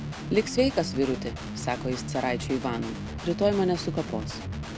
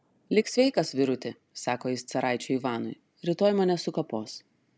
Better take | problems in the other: second | background sound (Guitar); 7 dB below the speech

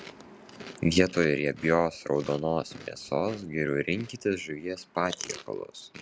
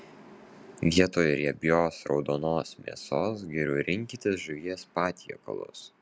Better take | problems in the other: second | background sound (Chewing, mastication); 18 dB below the speech

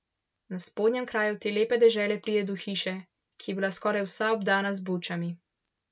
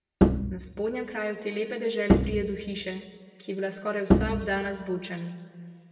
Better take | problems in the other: first | background sound (Bowed string instrument); 5 dB above the speech // room echo; dies away in 1.5 s

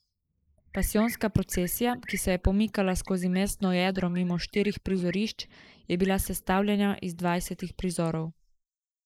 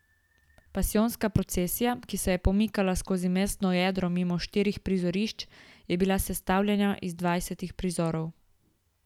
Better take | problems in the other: second | noise reduction (neural mask model Resemble Enhance denoiser)

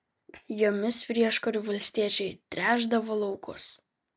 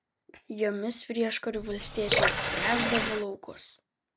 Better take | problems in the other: first | background sound (Water tap, faucet / Water); 4 dB above the speech

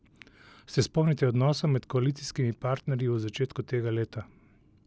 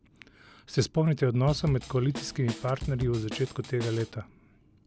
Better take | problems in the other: first | background sound (Drum kit); 11 dB below the speech

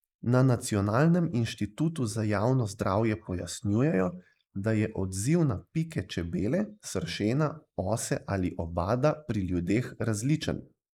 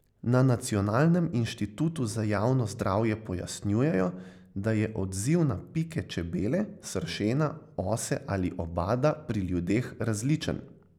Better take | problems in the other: second | noise reduction (neural mask model Resemble Enhance denoiser)

